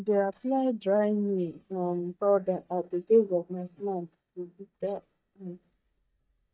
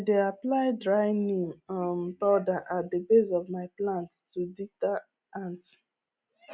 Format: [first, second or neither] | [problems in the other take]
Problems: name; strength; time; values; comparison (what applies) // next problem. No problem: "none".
second | noise reduction (neural mask model DeepFilterNet 3)